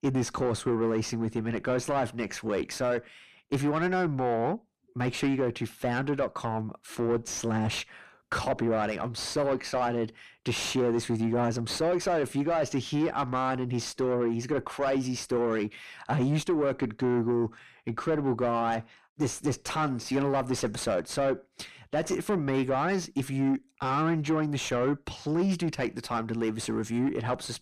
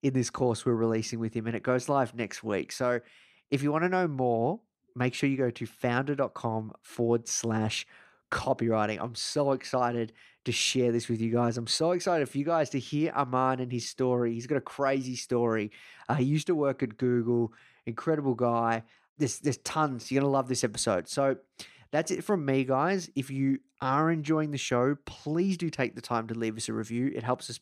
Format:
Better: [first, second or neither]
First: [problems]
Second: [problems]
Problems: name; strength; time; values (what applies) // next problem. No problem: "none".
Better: second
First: distortion; heavy; 7 dB below the speech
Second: none